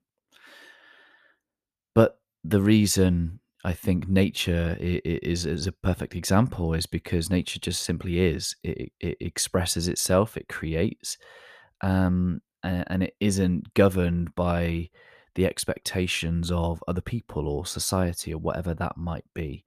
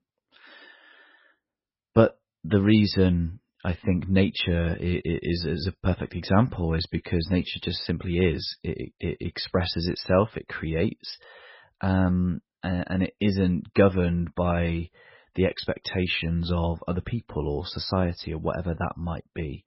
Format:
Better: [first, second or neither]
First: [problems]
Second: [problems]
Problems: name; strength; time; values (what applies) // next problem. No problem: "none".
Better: first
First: none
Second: garbled, watery; badly; nothing above 5.5 kHz